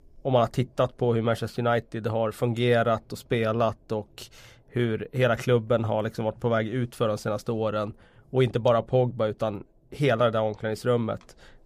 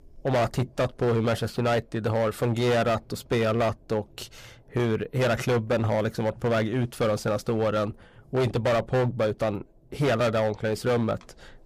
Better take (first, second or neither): first